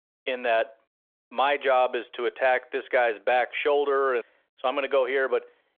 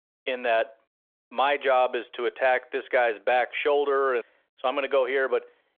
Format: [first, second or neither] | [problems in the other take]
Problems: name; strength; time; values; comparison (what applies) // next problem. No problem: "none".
neither | phone-call audio; nothing above 3.5 kHz; the same in both